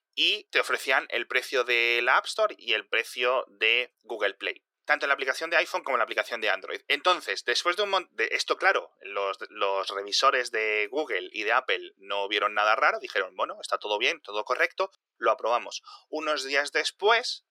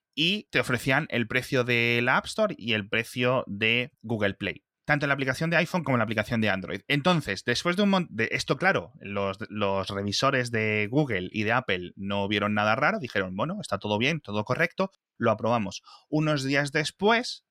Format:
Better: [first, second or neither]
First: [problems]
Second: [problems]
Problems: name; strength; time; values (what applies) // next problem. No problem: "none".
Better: second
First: thin; very; fading below 400 Hz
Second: none